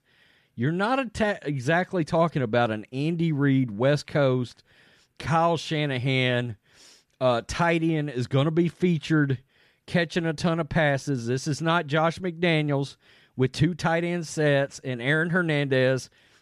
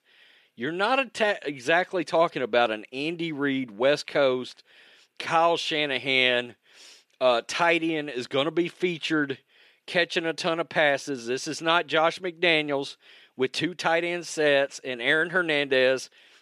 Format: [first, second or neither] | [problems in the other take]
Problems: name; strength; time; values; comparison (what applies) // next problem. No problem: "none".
first | thin; somewhat; fading below 400 Hz